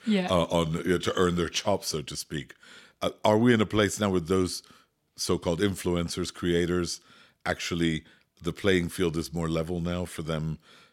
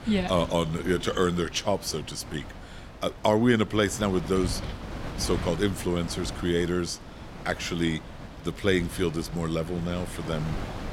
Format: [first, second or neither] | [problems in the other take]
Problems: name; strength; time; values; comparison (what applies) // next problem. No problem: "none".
first | wind noise on the microphone; occasional gusts; 15 dB below the speech